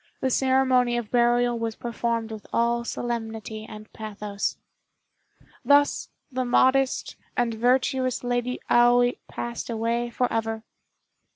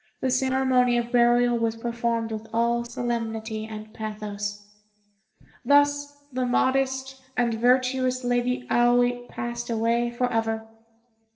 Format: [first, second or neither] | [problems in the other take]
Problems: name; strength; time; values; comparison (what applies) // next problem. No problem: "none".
first | noise reduction (neural separator model SepFormer DNS4)